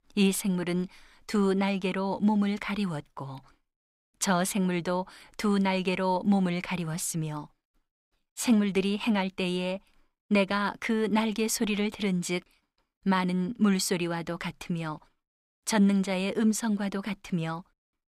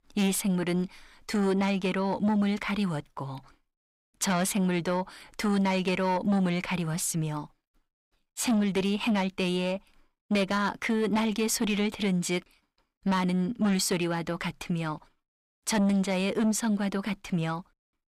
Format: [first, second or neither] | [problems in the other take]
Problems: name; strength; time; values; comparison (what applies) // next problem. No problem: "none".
first | distortion; slight; 10 dB below the speech